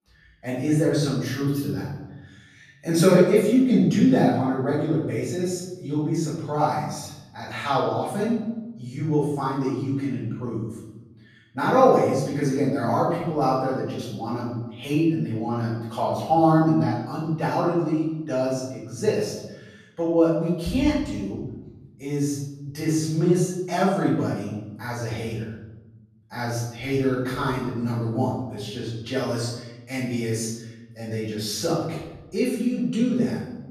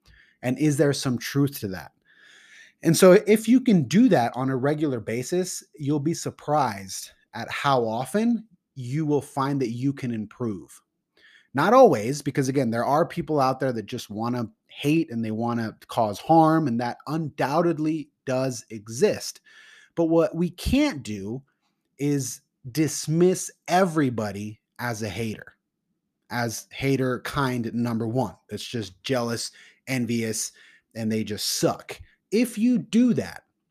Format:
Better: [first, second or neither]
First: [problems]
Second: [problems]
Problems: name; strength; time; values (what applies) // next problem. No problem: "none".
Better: second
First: off-mic speech; far // room echo; noticeable; dies away in 1 s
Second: none